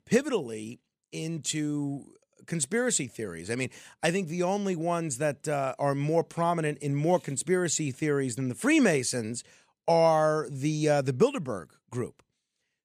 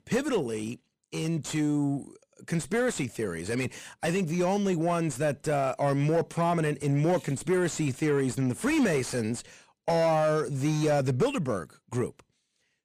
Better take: first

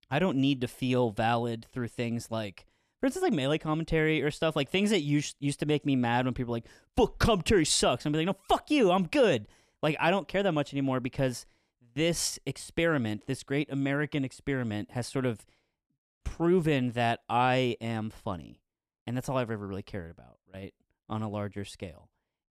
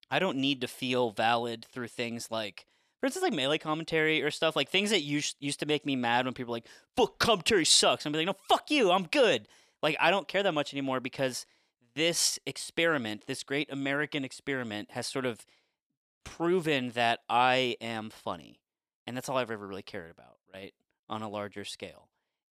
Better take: first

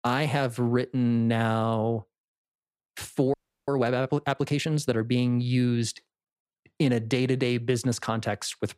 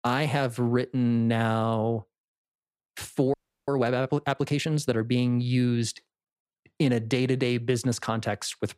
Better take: neither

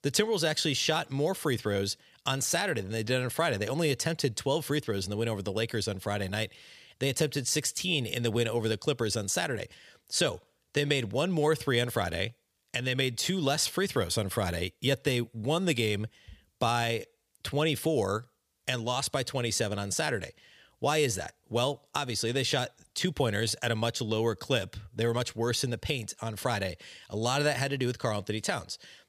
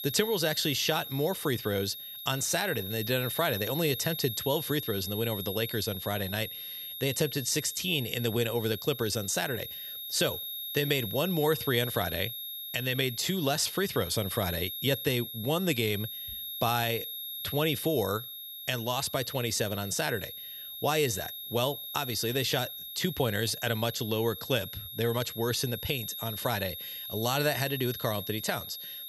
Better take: first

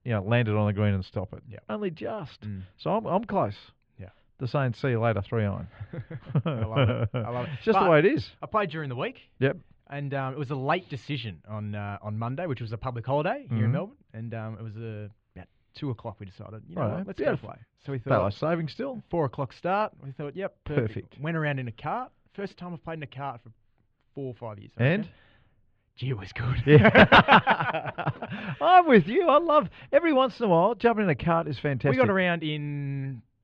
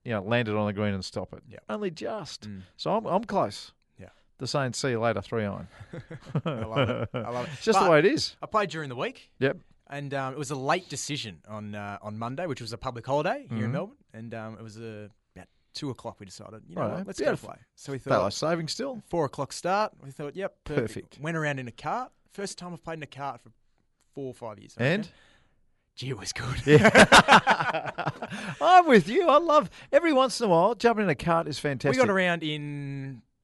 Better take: second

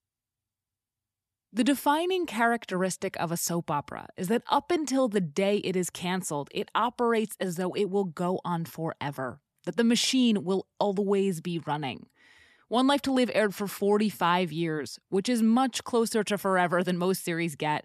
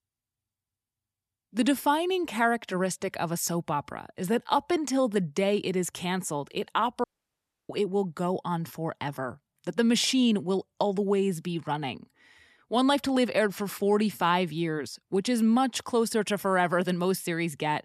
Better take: first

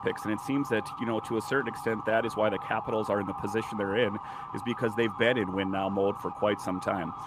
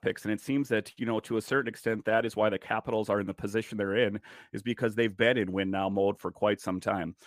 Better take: second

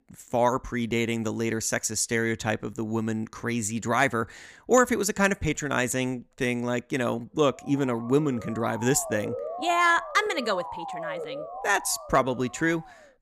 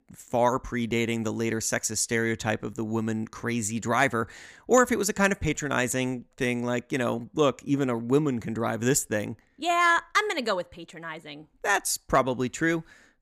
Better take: second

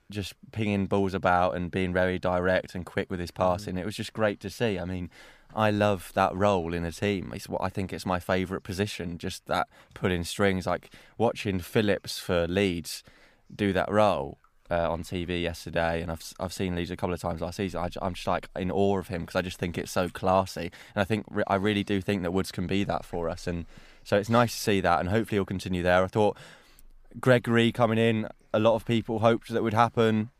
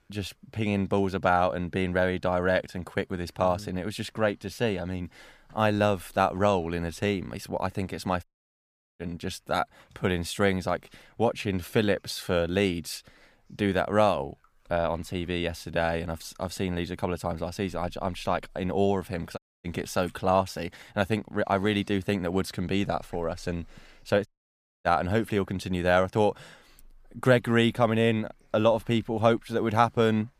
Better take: first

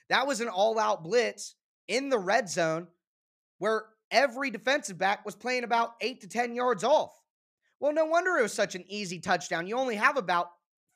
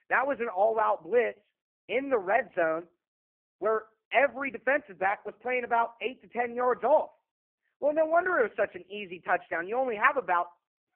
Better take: first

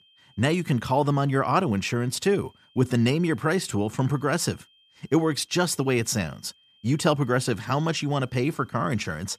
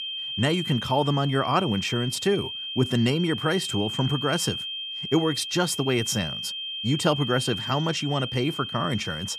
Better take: first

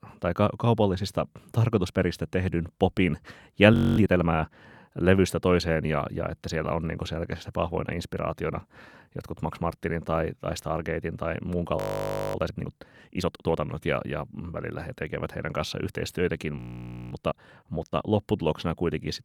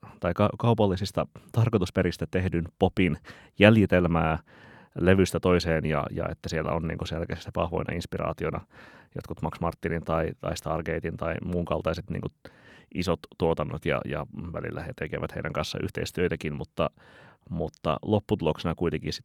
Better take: second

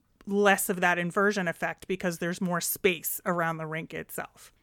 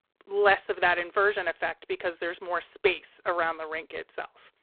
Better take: first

